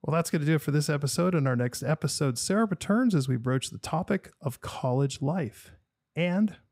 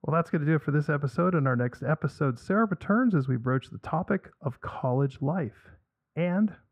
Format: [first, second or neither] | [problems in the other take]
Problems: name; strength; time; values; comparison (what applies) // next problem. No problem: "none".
first | muffled; very; fading above 3.5 kHz